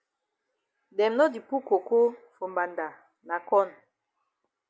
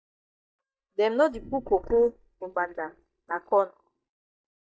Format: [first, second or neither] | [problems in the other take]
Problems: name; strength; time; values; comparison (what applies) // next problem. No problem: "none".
first | noise reduction (neural mask model DeepFilterNet 3)